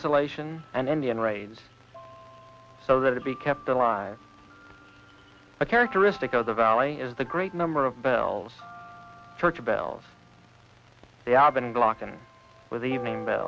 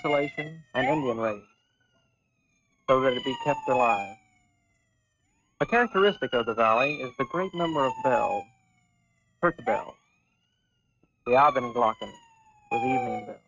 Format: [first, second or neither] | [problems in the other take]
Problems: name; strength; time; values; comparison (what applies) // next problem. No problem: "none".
first | noise reduction (neural mask model RNNoise)